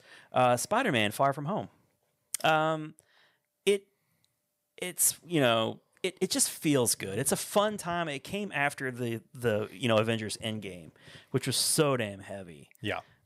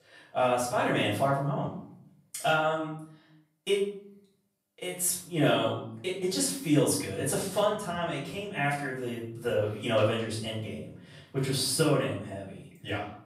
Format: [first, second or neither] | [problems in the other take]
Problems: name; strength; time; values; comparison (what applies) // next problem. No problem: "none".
first | off-mic speech; far // room echo; noticeable; dies away in 0.6 s